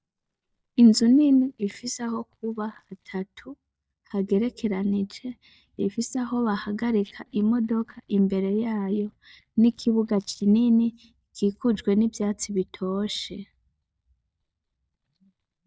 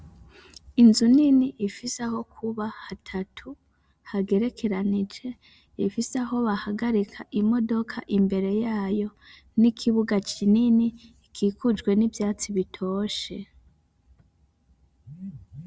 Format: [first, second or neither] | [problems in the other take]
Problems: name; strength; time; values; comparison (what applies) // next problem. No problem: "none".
second | noise reduction (neural mask model DeepFilterNet 3)